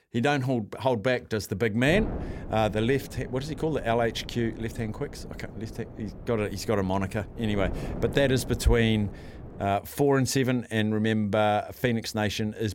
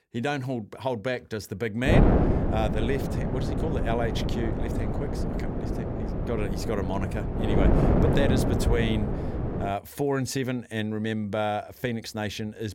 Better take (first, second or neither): first